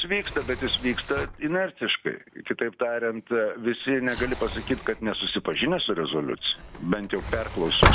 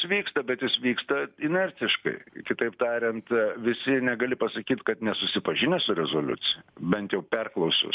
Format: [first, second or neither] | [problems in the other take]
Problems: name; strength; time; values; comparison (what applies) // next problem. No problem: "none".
second | background sound (Sliding door); 5 dB below the speech